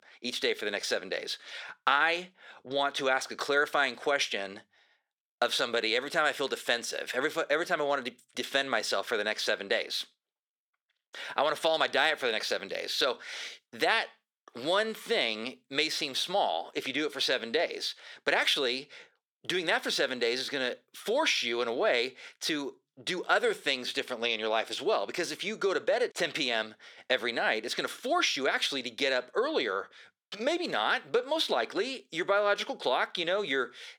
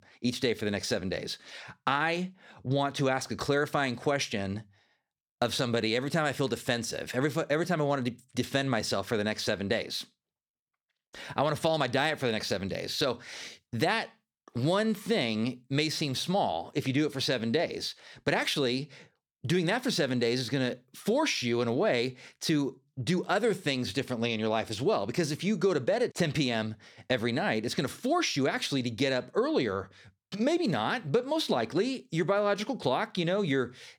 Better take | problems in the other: second | thin; somewhat; fading below 450 Hz

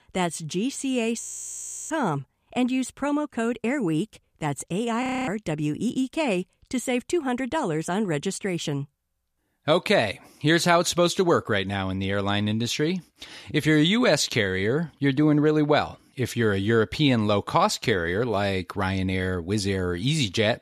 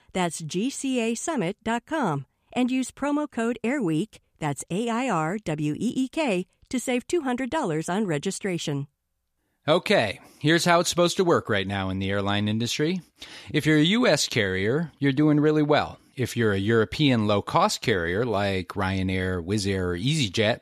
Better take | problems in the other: second | audio freezing; at 1 s for 0.5 s and at 5 s

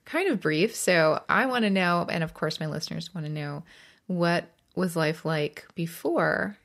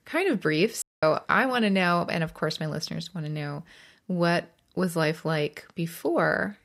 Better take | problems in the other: first | audio cutting out; at 1 s

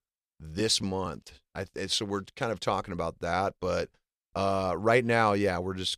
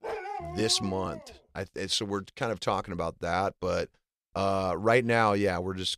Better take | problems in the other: first | dog barking; noticeable; until 1.5 s; peak 7 dB below the speech

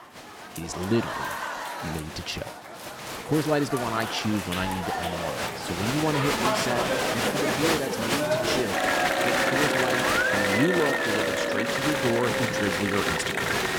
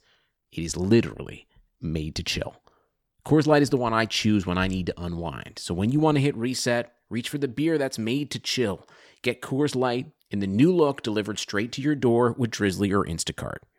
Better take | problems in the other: second | crowd noise; very loud; throughout; 4 dB above the speech

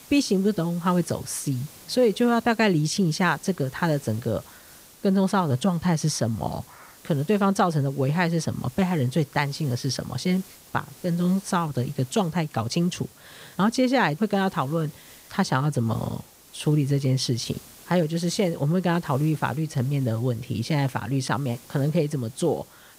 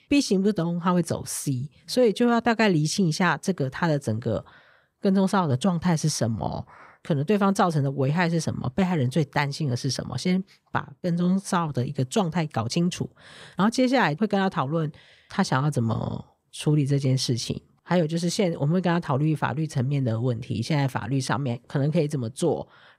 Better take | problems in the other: second | hiss; faint; throughout; 20 dB below the speech

